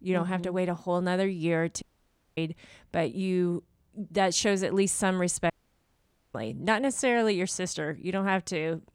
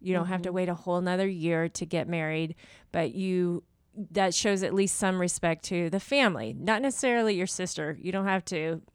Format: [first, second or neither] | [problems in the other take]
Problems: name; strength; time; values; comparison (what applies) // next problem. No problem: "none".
second | audio cutting out; at 2 s for 0.5 s and at 5.5 s for 1 s